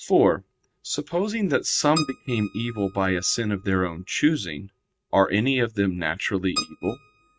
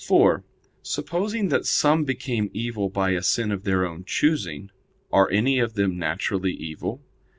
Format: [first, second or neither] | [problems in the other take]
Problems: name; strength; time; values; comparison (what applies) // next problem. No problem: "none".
second | noise reduction (neural mask model RNNoise)